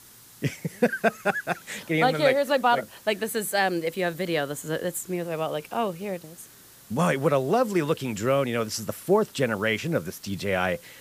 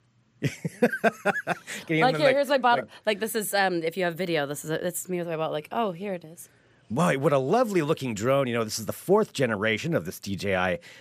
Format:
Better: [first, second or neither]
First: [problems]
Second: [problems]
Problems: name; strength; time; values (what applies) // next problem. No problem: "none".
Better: second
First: hiss; faint; throughout; 20 dB below the speech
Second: none